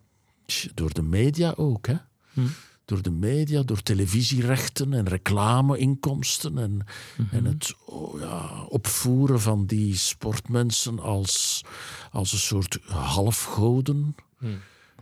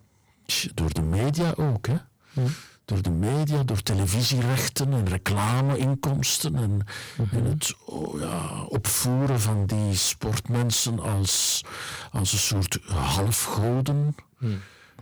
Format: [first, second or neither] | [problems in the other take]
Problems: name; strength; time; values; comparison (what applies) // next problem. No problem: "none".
first | distortion; heavy; 21% of the sound clipped